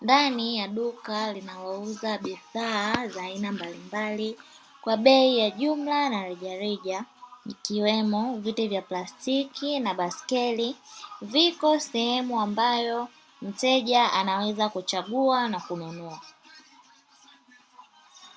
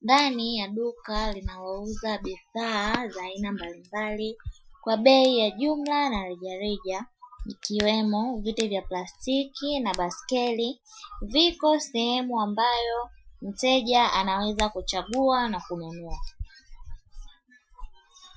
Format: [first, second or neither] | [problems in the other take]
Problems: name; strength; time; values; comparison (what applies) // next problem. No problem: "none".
first | noise reduction (classical method Wiener filter)